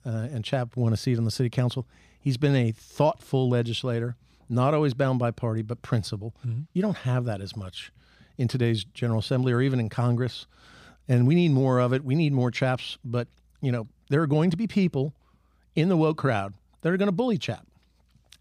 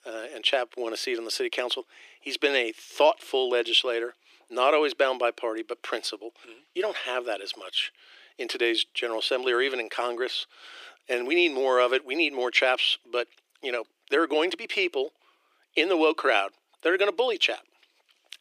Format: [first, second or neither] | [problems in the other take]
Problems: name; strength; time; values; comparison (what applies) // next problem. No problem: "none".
first | thin; very; fading below 350 Hz